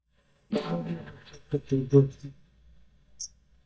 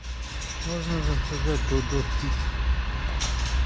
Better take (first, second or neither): second